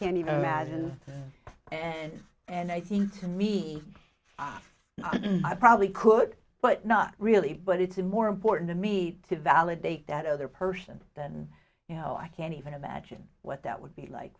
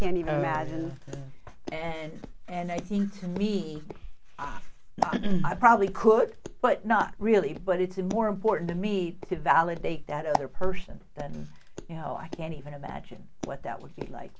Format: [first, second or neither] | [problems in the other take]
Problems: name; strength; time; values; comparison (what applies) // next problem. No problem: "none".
first | background sound (Walk, footsteps); 3 dB below the speech